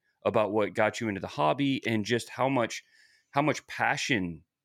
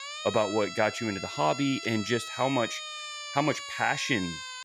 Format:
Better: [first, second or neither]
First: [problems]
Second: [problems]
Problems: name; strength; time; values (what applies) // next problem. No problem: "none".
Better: first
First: none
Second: siren; noticeable; peak 7 dB below the speech